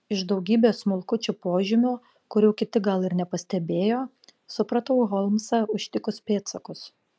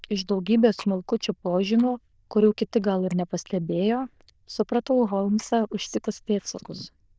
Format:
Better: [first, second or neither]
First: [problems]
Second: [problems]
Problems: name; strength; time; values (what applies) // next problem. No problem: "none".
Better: first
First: none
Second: noise reduction (neural diffusion model UNIVERSE++)